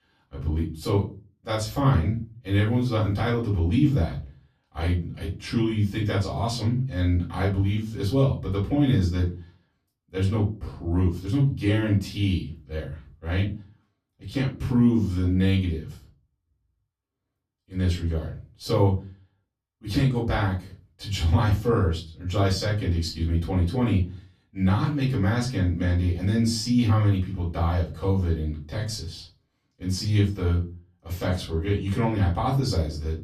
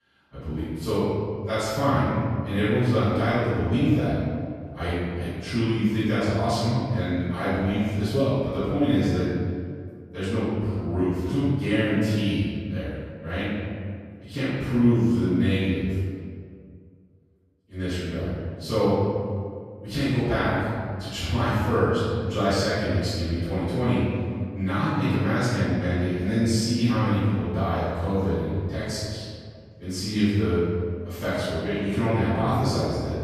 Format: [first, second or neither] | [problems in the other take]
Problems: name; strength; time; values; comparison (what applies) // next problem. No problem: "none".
first | room echo; strong; dies away in 1.9 s; slight in the first // off-mic speech; far; far in the first